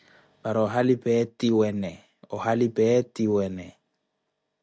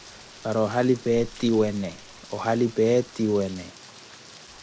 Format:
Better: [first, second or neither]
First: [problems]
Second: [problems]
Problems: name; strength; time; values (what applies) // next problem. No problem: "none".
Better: first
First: none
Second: background sound (Rain); 18 dB below the speech